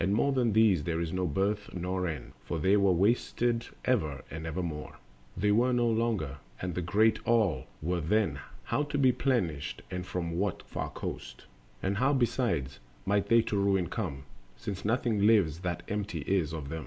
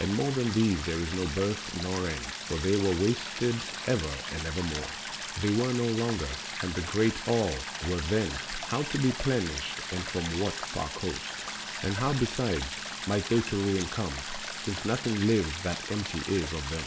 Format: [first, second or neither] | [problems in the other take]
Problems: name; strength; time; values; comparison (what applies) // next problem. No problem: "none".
first | background sound (Stream); 7 dB below the speech